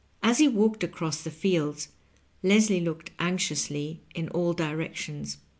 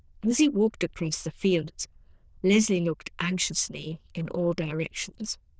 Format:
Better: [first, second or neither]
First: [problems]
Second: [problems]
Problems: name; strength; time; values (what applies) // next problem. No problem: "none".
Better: first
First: none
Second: noise reduction (neural diffusion model UNIVERSE++)